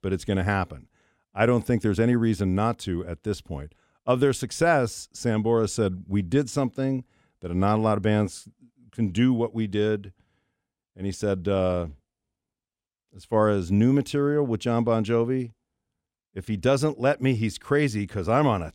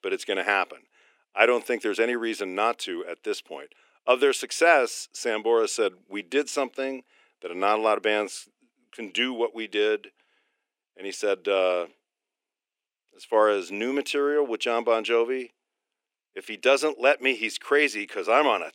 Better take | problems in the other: first | thin; very; fading below 350 Hz

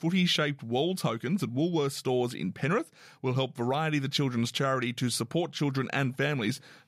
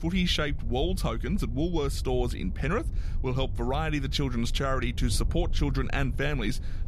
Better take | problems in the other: first | wind noise on the microphone; occasional gusts; 20 dB below the speech

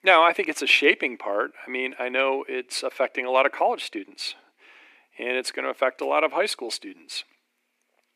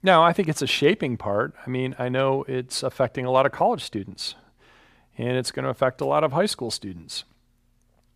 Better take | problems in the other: second | thin; somewhat; fading below 300 Hz

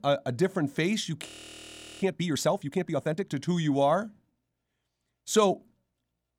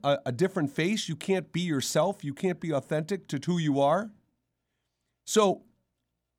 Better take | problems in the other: second | audio freezing; at 1.5 s for 0.5 s

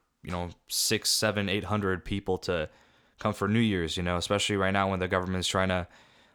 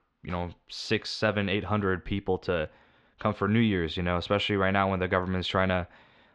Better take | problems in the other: first | muffled; slightly; fading above 3.5 kHz

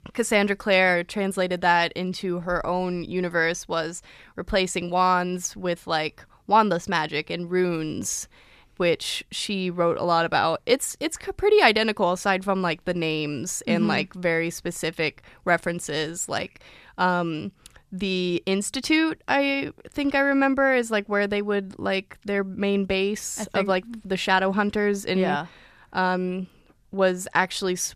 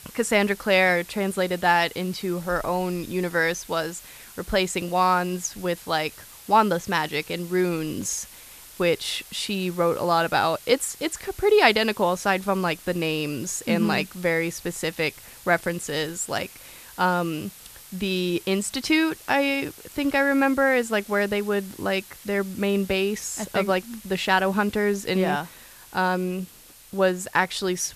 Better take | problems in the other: first | hiss; noticeable; throughout; 20 dB below the speech

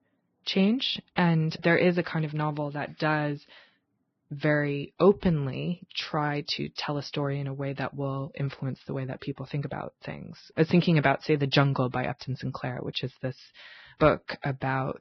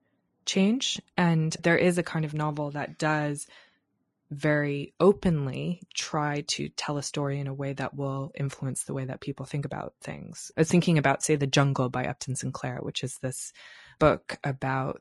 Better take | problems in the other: second | garbled, watery; badly; nothing above 5.5 kHz; slightly in the second

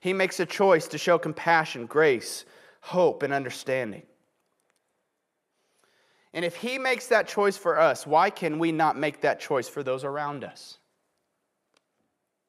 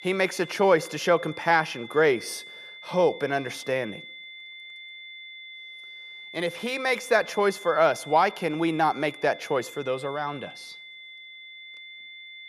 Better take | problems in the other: first | high-pitched whine; noticeable; throughout; 2 kHz, 15 dB below the speech

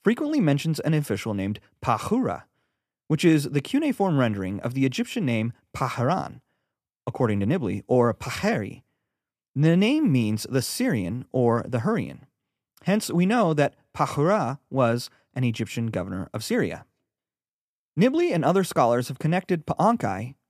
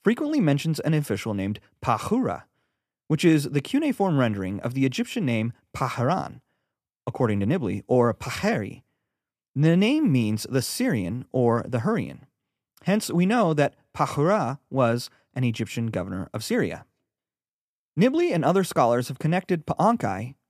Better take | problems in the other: neither | none

